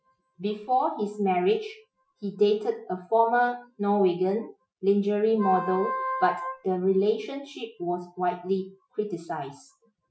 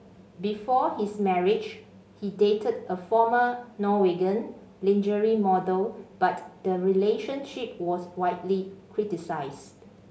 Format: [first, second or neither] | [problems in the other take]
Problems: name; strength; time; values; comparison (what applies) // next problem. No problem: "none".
second | noise reduction (classical method Wiener filter)